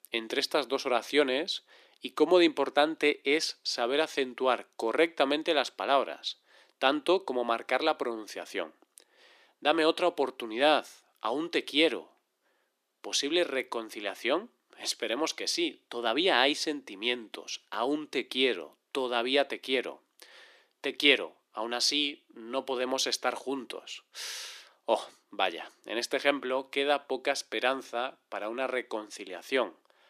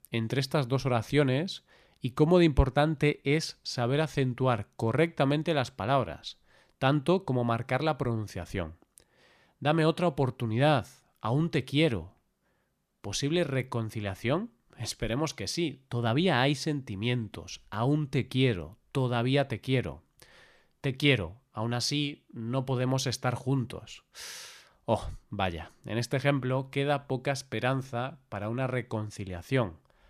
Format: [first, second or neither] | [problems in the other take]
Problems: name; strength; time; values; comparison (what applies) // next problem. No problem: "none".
second | thin; somewhat; fading below 300 Hz